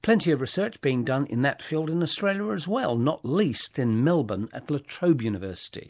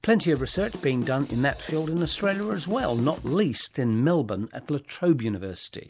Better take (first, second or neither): first